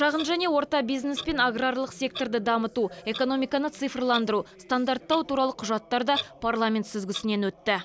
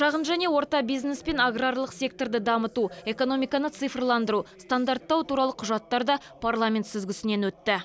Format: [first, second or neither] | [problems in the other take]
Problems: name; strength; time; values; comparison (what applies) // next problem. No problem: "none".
second | background sound (Clock); 16 dB below the speech